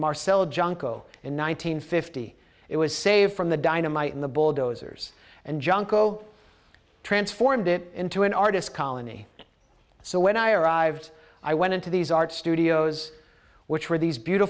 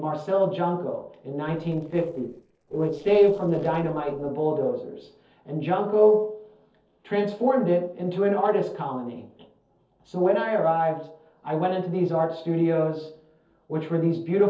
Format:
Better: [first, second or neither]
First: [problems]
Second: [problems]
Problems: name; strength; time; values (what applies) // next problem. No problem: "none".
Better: first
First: none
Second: noise reduction (neural separator model SepFormer DNS4)